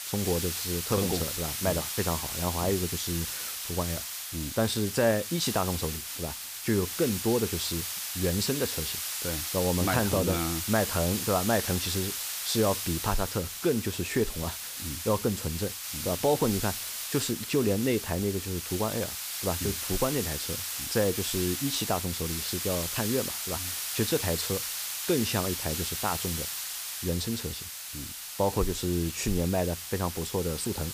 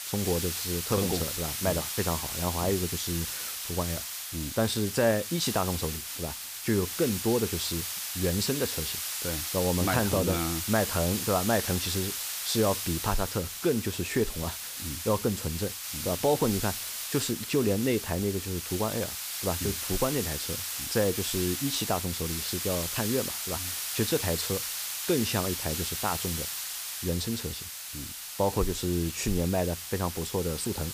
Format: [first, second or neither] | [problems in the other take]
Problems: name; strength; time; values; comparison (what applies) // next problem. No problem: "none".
neither | hiss; loud; throughout; 2 dB below the speech; the same in both